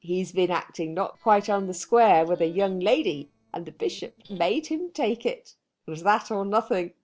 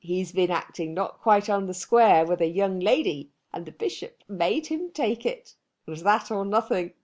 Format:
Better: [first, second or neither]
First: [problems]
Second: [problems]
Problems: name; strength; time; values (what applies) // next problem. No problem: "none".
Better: second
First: noise reduction (neural separator model SepFormer DNS4)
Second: none